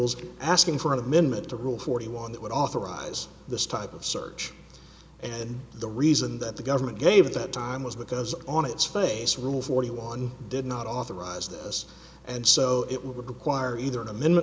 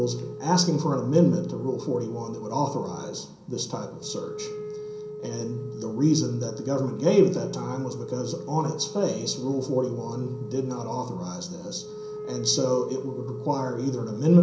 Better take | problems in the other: first | background sound (Wind instrument, woodwind instrument); 13 dB below the speech // room echo; dies away in 0.6 s

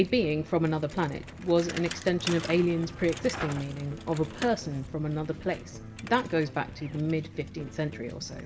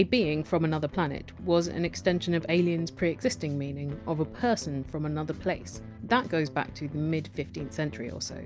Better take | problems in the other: second | background sound (Bicycle); 14 dB below the speech // room echo; dies away in 1 s

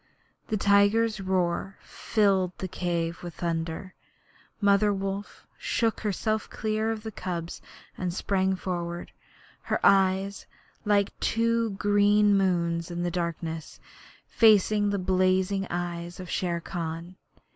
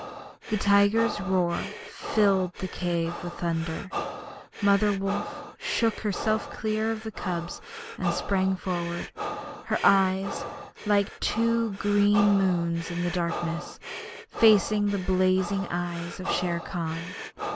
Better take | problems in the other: first | background sound (Breathing); 10 dB below the speech

